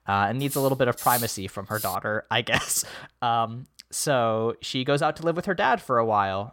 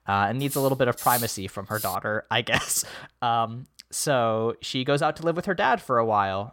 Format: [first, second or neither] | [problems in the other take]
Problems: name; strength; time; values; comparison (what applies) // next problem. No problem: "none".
neither | clattering dishes; noticeable; until 2 s; peak 3 dB below the speech; the same in both